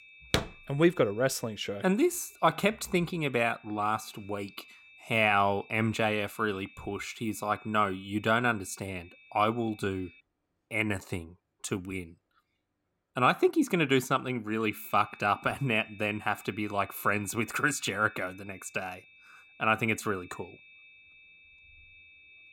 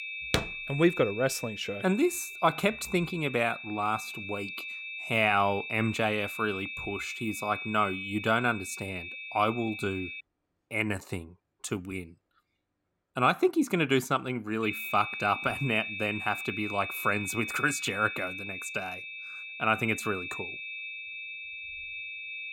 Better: first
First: high-pitched whine; faint; until 10 s and from 15 s on; 2.5 kHz, 25 dB below the speech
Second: high-pitched whine; loud; until 10 s and from 15 s on; 2.5 kHz, 7 dB below the speech

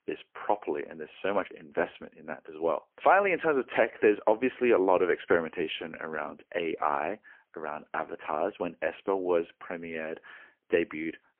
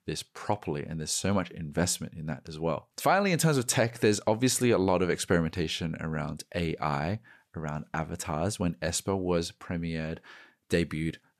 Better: second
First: phone-call audio; poor line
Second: none

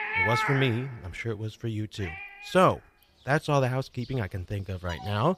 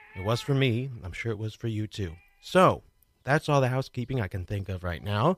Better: second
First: animal sounds; loud; throughout; 3 dB below the speech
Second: animal sounds; faint; throughout; 25 dB below the speech

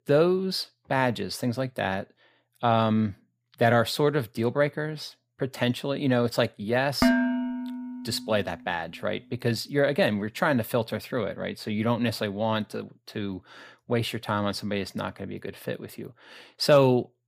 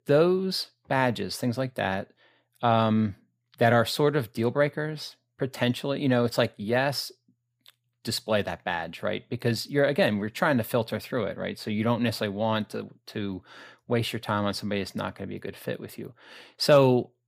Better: second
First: clattering dishes; loud; at 7 s; peak 4 dB above the speech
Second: none

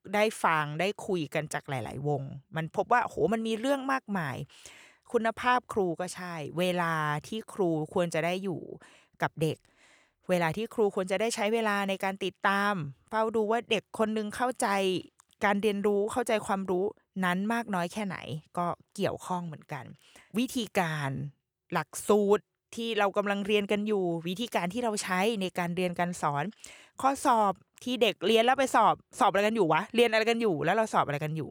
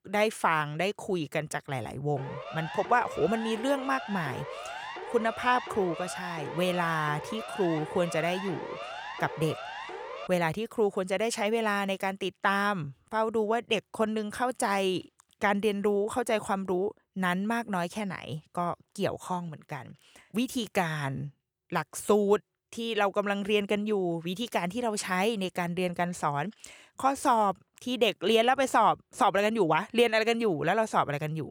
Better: first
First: none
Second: siren; noticeable; from 2 to 10 s; peak 9 dB below the speech

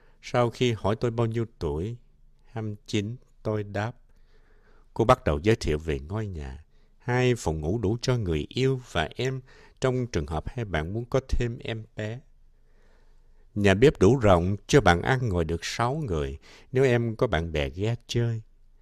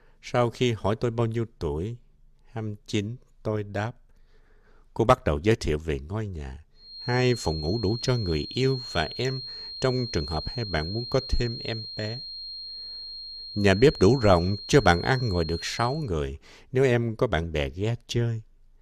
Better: first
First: none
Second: high-pitched whine; loud; from 7 to 16 s; 4 kHz, 9 dB below the speech

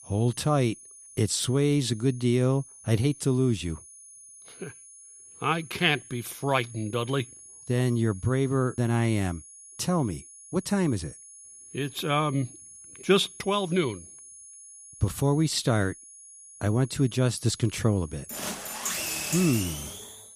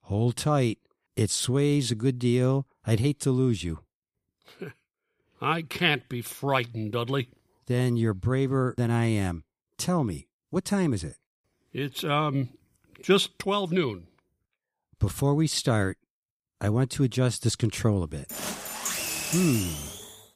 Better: second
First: high-pitched whine; noticeable; throughout; 10 kHz, 20 dB below the speech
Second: none

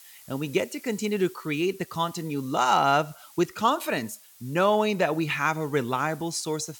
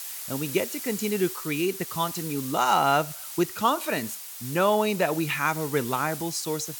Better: first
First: hiss; faint; throughout; 25 dB below the speech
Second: hiss; loud; throughout; 9 dB below the speech

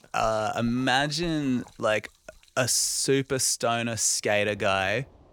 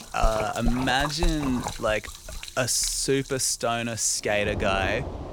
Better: first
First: rain or running water; faint; throughout; 30 dB below the speech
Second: rain or running water; loud; throughout; 9 dB below the speech

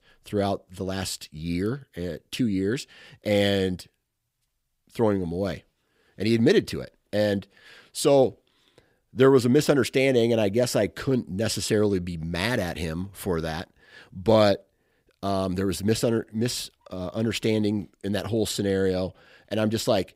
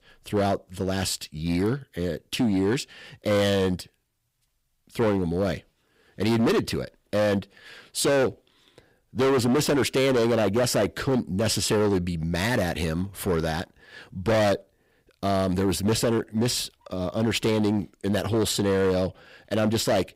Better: first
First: none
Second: distortion; heavy; 12% of the sound clipped

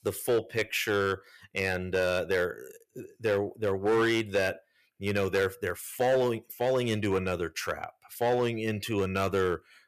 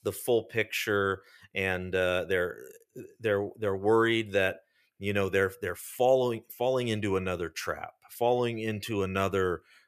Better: second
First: distortion; slight; 5% of the sound clipped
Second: none

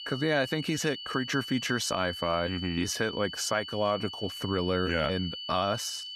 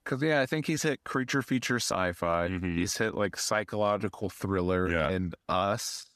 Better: second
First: high-pitched whine; loud; throughout; 3 kHz, 8 dB below the speech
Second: none

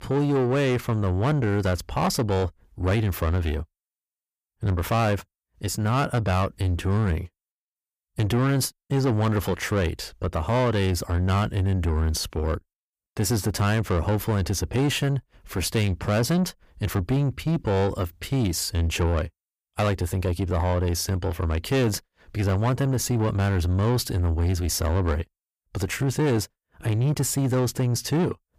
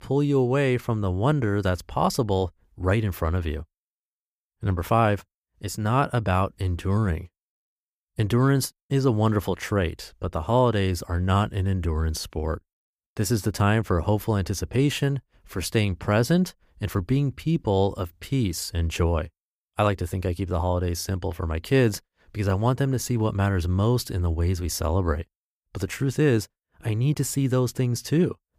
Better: second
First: distortion; slight; 10 dB below the speech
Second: none

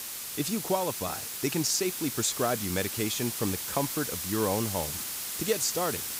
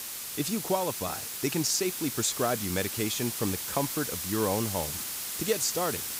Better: neither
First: hiss; loud; throughout; 2 dB below the speech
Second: hiss; loud; throughout; 2 dB below the speech

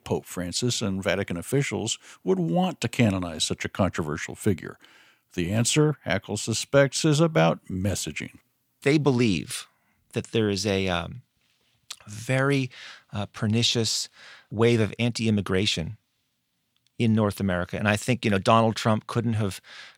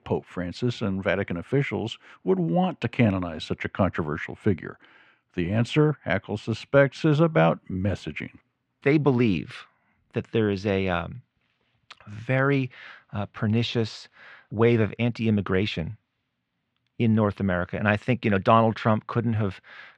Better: first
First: none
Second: muffled; very; fading above 2 kHz

